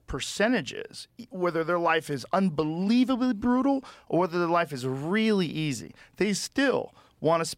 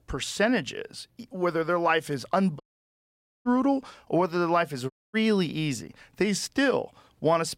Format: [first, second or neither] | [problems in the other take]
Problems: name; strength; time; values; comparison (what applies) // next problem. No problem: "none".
first | audio cutting out; at 2.5 s for 1 s and at 5 s